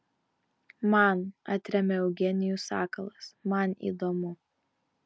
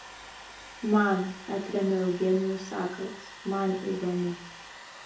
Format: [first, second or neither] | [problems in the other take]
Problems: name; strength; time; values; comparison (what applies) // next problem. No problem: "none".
first | background sound (Domestic sounds, home sounds); 16 dB below the speech // room echo; dies away in 0.6 s